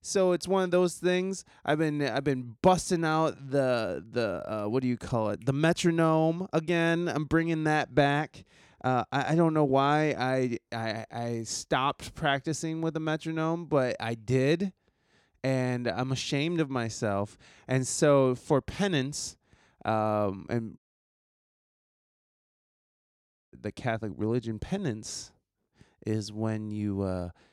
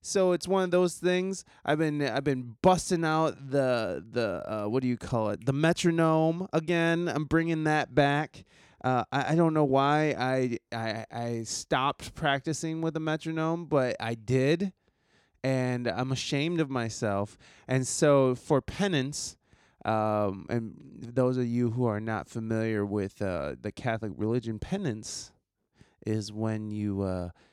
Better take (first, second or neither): second